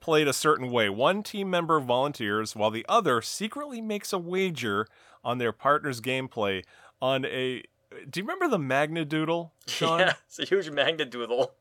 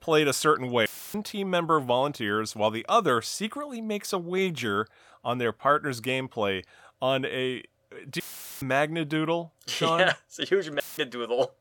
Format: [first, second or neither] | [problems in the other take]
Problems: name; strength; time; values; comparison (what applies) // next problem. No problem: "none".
first | audio cutting out; filled with static; at 1 s, at 8 s and at 11 s